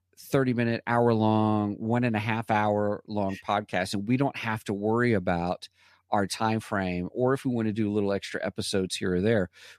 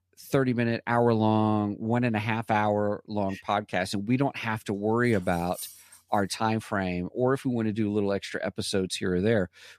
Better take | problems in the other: first | clattering dishes; faint; from 5 to 6 s; peak 10 dB below the speech

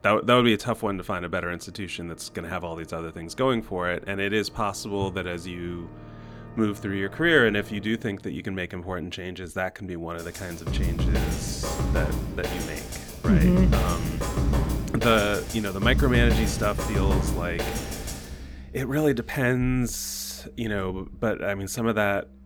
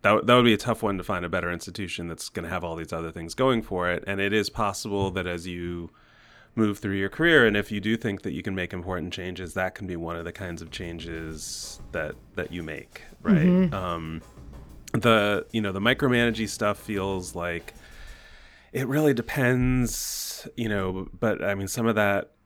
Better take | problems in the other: second | background music; loud; throughout; 1 dB below the speech; faint in the second

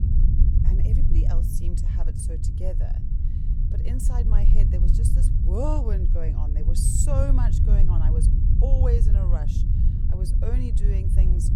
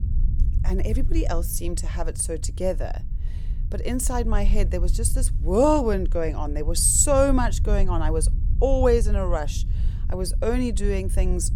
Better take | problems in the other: second | low rumble; loud; throughout; 3 dB below the speech; faint in the second

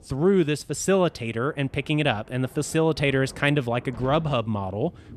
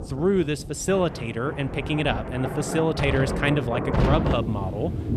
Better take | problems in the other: first | rain or running water; loud; throughout; 3 dB below the speech; faint in the first

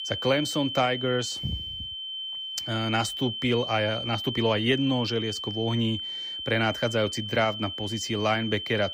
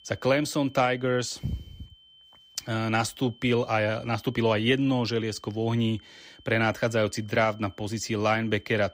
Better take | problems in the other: second | high-pitched whine; loud; throughout; 3 kHz, 5 dB below the speech; faint in the second

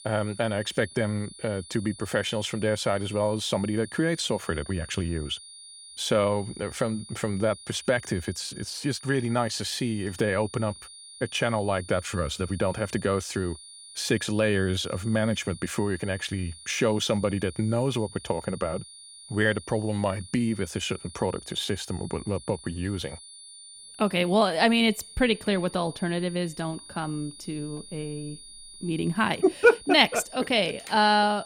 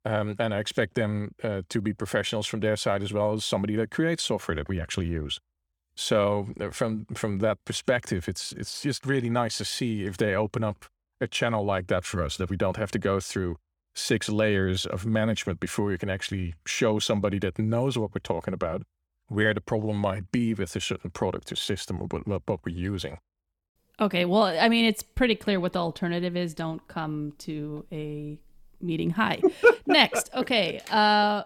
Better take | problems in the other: second | high-pitched whine; noticeable; throughout; 9.5 kHz, 15 dB below the speech

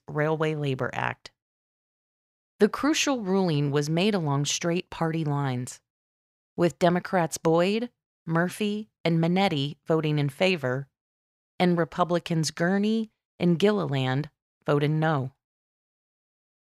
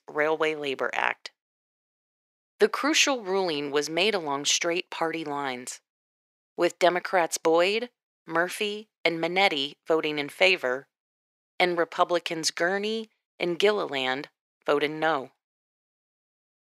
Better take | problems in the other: first | thin; somewhat; fading below 350 Hz

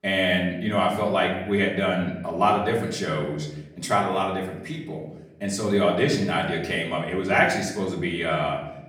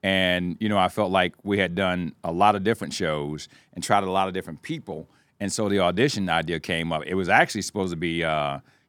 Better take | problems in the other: second | off-mic speech; far // room echo; slight; dies away in 0.8 s

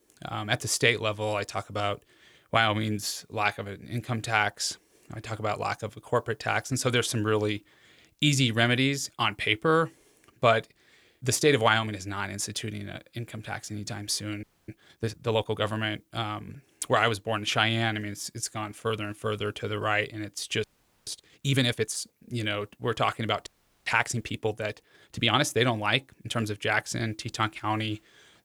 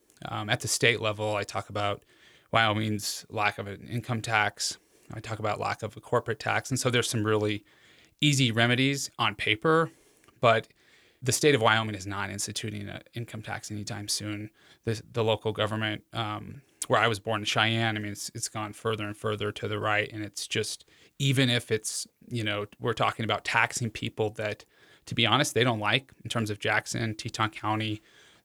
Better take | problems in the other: second | audio freezing; at 14 s, at 21 s and at 23 s

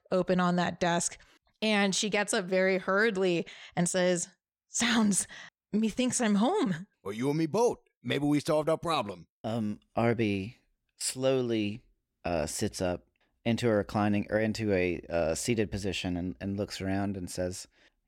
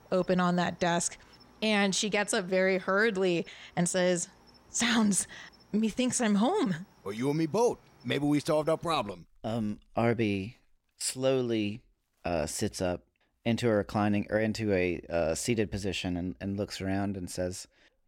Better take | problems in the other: first | animal sounds; faint; throughout; 30 dB below the speech

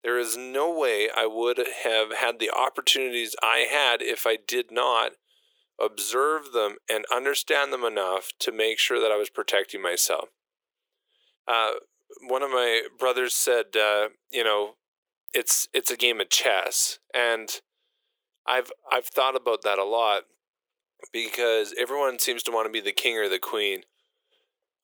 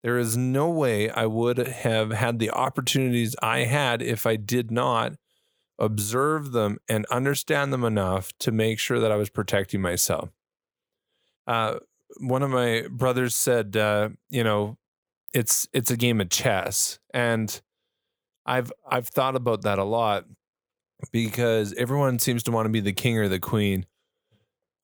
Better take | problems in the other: second | thin; very; fading below 350 Hz

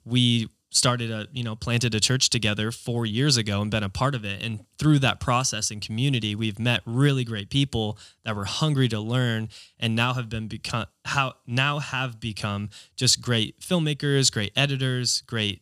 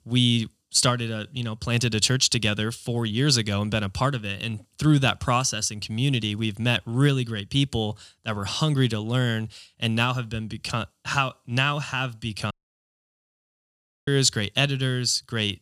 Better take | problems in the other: first | audio cutting out; at 13 s for 1.5 s

